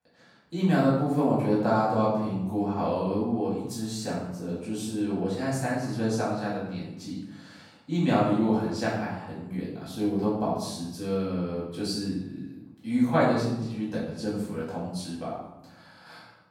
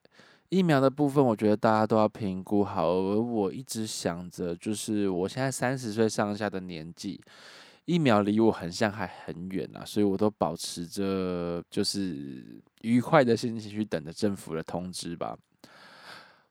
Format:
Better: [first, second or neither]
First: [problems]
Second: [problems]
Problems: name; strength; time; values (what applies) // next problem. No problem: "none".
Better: second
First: off-mic speech; far // room echo; noticeable; dies away in 0.8 s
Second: none